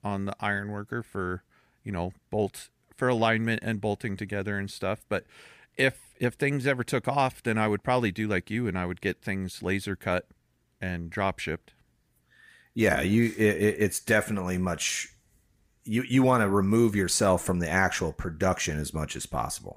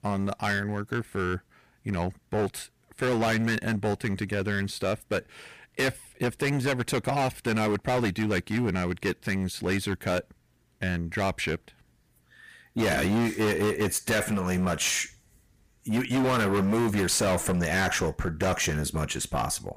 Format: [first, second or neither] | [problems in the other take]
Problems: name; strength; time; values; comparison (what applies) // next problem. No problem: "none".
first | distortion; heavy; 15% of the sound clipped